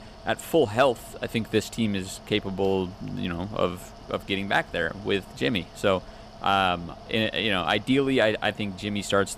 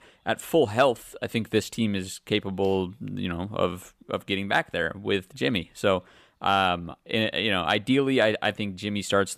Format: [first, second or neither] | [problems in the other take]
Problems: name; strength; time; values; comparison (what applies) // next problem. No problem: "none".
second | machinery noise; noticeable; throughout; 20 dB below the speech